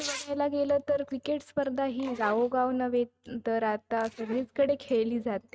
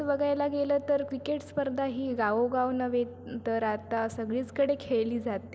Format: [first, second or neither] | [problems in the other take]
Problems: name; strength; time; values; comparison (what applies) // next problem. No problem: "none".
second | noise reduction (neural mask model RNNoise)